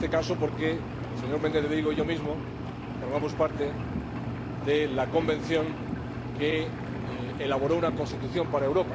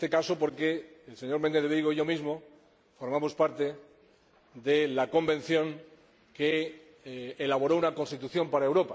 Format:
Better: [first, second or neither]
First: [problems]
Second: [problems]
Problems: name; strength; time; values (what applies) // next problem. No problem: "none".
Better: second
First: background sound (Engine); 4 dB below the speech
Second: none